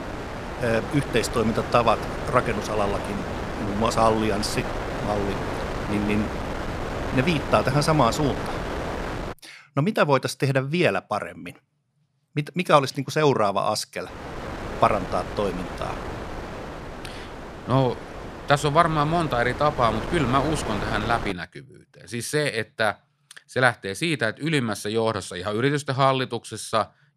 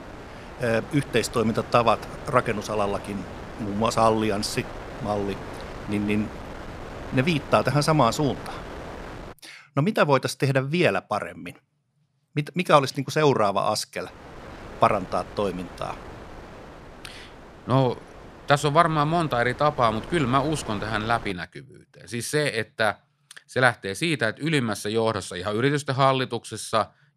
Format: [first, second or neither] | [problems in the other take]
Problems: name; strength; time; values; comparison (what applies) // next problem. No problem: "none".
second | wind noise on the microphone; heavy; until 9.5 s and from 14 to 21 s; 8 dB below the speech; occasional gusts in the second